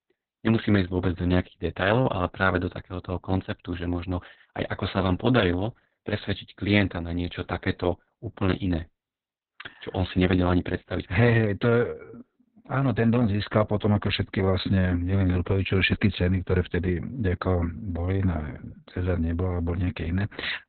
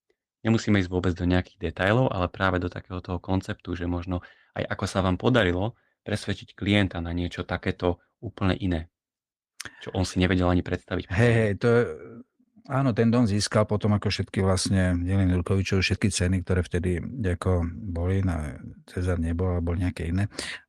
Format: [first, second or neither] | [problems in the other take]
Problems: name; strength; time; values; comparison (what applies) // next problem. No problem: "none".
second | garbled, watery; badly; nothing above 4 kHz; slightly in the second